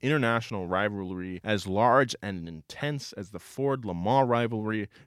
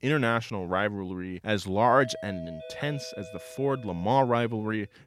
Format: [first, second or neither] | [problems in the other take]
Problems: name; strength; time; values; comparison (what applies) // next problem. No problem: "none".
first | doorbell; faint; from 2 to 4.5 s; peak 10 dB below the speech